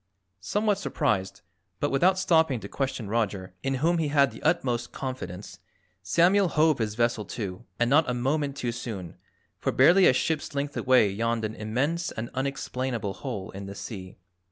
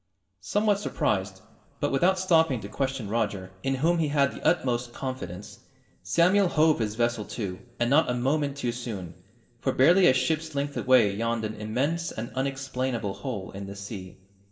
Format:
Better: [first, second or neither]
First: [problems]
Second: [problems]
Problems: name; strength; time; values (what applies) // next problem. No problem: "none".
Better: first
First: none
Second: room echo; dies away in 1.2 s